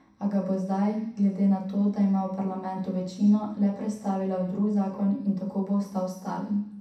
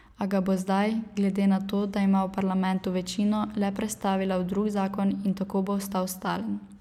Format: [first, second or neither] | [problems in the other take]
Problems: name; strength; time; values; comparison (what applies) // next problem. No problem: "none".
second | room echo; dies away in 0.7 s